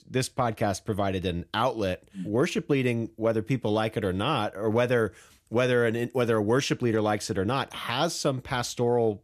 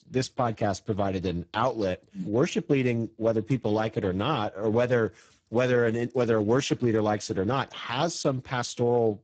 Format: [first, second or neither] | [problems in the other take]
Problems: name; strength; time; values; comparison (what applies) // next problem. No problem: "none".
first | garbled, watery; badly; nothing above 7.5 kHz